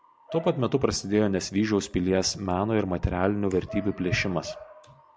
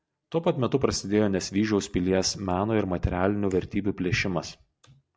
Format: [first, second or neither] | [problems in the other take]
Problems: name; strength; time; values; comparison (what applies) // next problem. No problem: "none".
second | background sound (Bark / Motor vehicle (road) / Siren); 19 dB below the speech